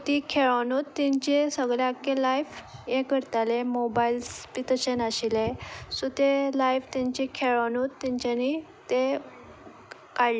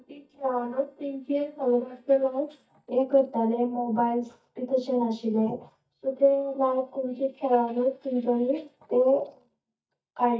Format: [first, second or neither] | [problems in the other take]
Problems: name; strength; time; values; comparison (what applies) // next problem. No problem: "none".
first | noise reduction (neural mask model DeepFilterNet 3)